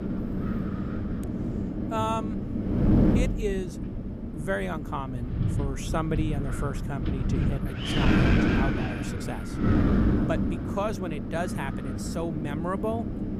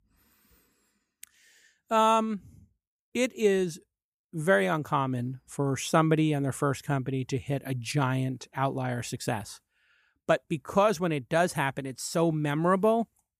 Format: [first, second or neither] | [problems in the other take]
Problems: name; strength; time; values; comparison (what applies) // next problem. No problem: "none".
second | wind noise on the microphone; heavy; as loud as the speech